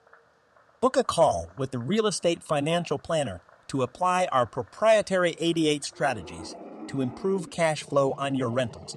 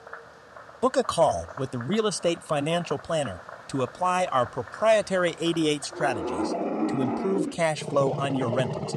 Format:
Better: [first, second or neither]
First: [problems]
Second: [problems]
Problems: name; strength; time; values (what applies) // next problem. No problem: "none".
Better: first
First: animal sounds; faint; throughout; 20 dB below the speech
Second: animal sounds; loud; throughout; 8 dB below the speech